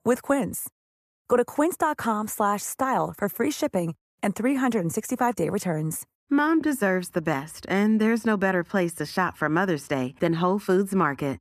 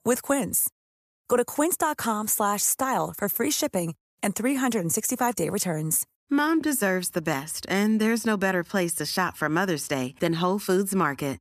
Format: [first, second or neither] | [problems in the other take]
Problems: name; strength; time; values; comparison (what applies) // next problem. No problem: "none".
second | muffled; slightly; fading above 3 kHz